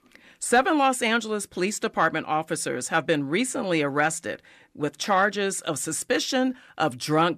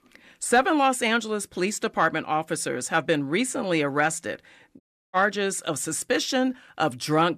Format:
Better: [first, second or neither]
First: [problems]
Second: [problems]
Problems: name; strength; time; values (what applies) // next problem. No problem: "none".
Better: first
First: none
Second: audio cutting out; at 5 s